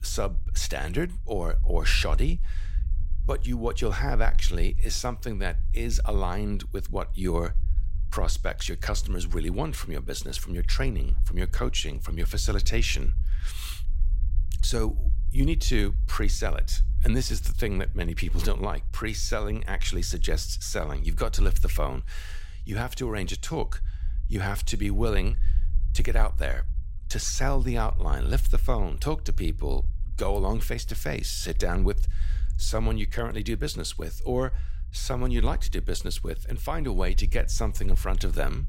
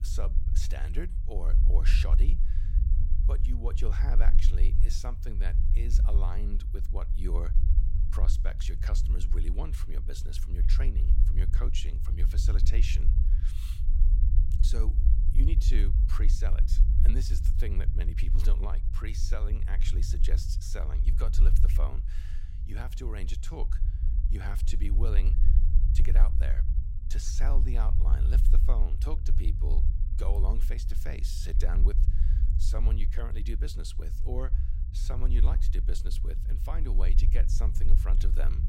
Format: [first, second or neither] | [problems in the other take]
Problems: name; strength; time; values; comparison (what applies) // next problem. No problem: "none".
first | low rumble; loud; throughout; 6 dB below the speech; faint in the first